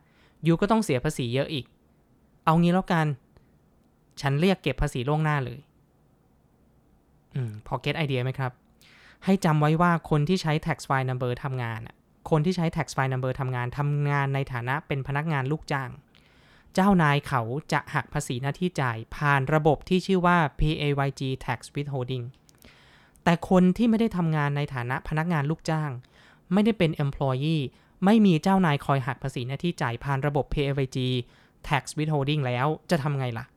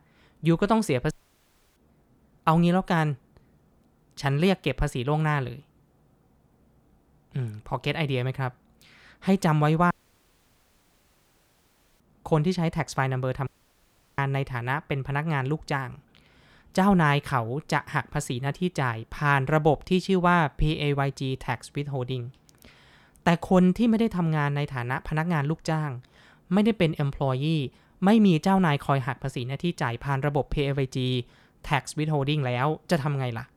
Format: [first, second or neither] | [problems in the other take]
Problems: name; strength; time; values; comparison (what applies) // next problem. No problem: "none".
first | audio cutting out; at 1 s for 0.5 s, at 10 s for 2 s and at 13 s for 0.5 s